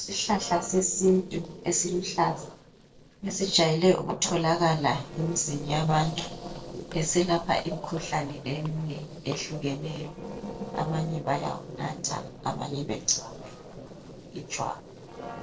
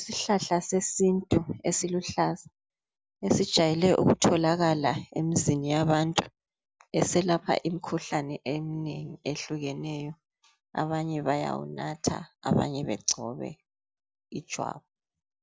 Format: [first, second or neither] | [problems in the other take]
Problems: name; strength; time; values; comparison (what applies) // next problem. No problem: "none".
second | noise reduction (neural separator model SepFormer DNS4)